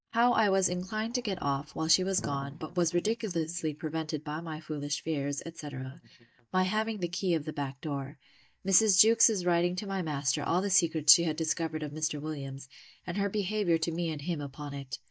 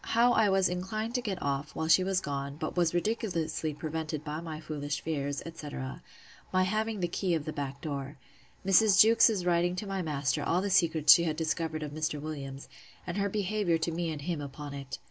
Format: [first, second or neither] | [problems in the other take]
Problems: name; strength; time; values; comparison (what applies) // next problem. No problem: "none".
second | noise reduction (neural mask model DeepFilterNet 3)